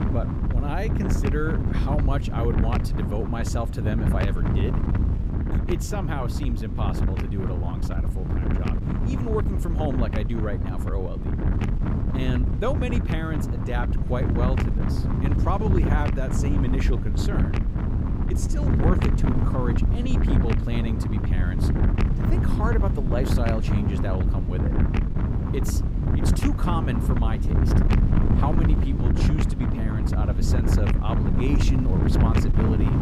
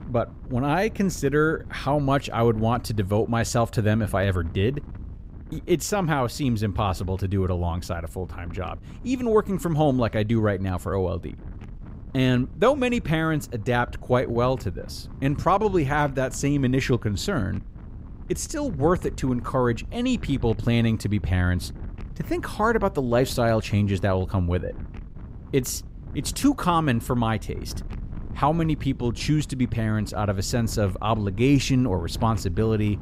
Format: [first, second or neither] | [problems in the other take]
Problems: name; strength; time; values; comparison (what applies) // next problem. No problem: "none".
second | wind noise on the microphone; heavy; 1 dB below the speech; occasional gusts in the second